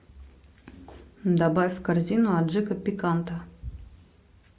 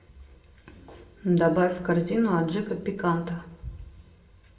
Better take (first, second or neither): first